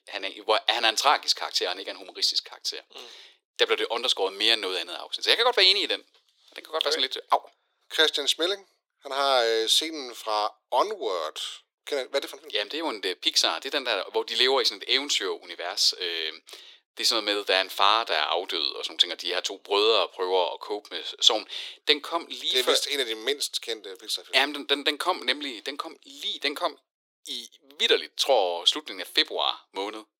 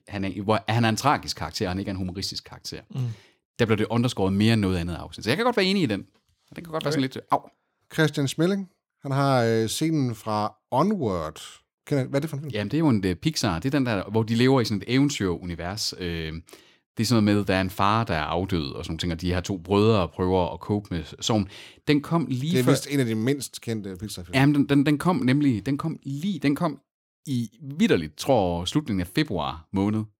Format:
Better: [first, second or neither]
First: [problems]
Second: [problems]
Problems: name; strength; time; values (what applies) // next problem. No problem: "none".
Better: second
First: thin; very; fading below 400 Hz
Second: none